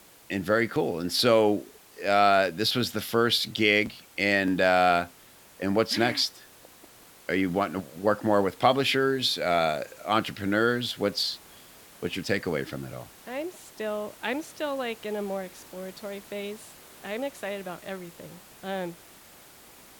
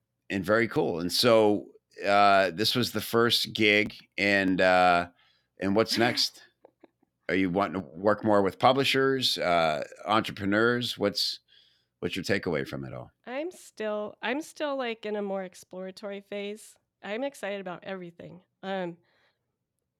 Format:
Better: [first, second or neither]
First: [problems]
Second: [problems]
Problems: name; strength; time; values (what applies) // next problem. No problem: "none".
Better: second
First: hiss; faint; throughout; 25 dB below the speech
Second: none